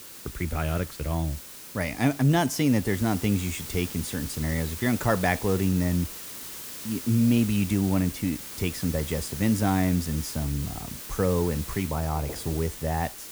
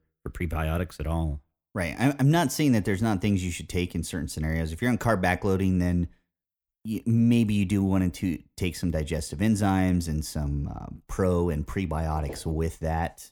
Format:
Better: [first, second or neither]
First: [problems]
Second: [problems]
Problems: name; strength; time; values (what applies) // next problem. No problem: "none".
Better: second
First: hiss; noticeable; throughout; 10 dB below the speech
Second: none